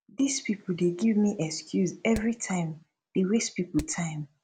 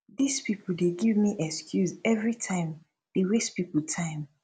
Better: second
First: background sound (Hammer); 11 dB below the speech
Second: none

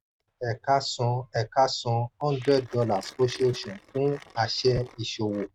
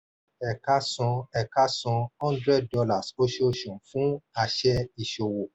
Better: second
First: noise reduction (neural mask model RNNoise)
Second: none

